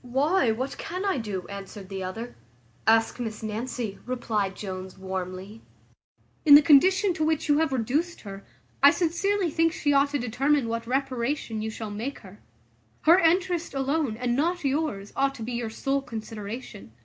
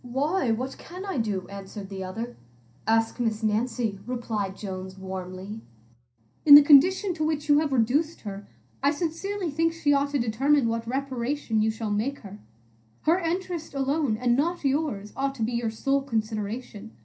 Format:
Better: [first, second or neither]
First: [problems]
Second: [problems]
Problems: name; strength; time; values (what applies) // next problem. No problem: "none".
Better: first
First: none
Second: room echo; dies away in 0.3 s